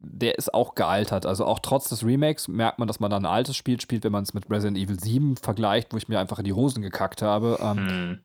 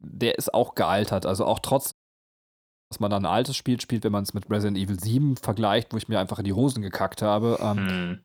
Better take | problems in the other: first | audio cutting out; at 2 s for 1 s

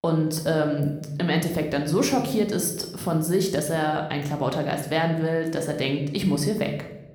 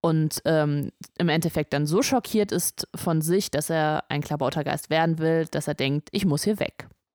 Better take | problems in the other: second | room echo; slight; dies away in 0.7 s

